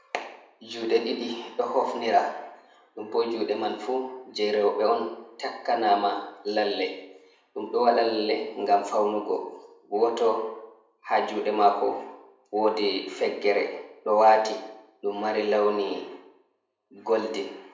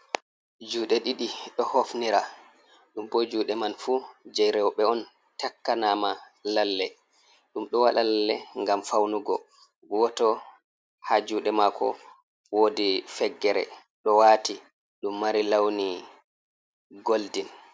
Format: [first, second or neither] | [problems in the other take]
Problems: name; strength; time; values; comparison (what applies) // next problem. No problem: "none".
second | room echo; dies away in 0.7 s